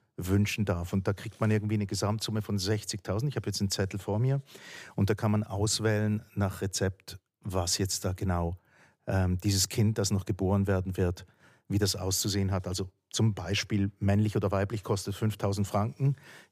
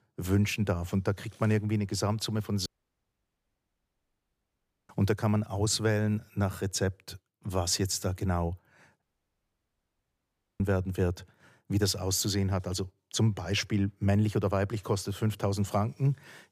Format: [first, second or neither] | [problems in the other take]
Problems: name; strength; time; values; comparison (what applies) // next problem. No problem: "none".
first | audio cutting out; at 2.5 s for 2 s and at 9 s for 1.5 s